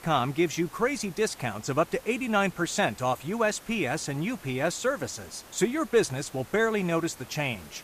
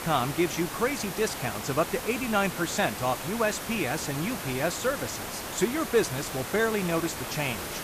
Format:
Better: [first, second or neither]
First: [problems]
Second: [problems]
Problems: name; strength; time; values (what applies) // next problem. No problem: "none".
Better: first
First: hiss; faint; throughout; 20 dB below the speech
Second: hiss; loud; throughout; 6 dB below the speech